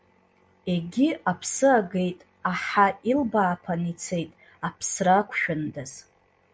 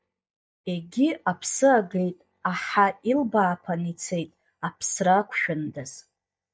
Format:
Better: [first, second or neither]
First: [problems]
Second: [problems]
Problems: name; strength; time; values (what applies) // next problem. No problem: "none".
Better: first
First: none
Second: noise reduction (neural mask model DeepFilterNet 3)